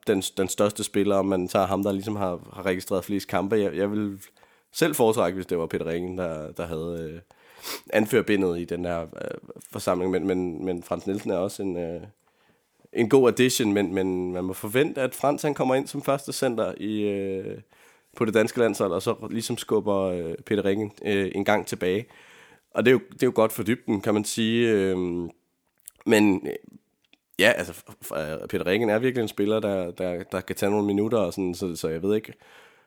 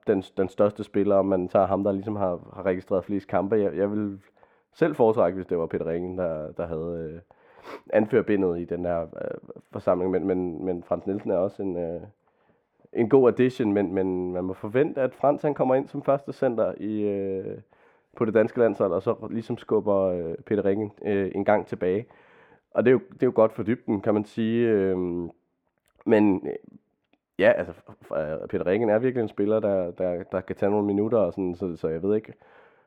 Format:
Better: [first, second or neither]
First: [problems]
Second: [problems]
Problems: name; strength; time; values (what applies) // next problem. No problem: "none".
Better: first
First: none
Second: muffled; very; fading above 3.5 kHz